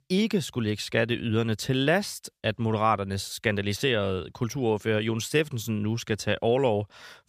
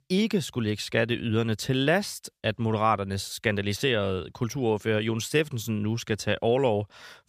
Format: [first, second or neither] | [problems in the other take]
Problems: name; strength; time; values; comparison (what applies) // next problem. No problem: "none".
neither | none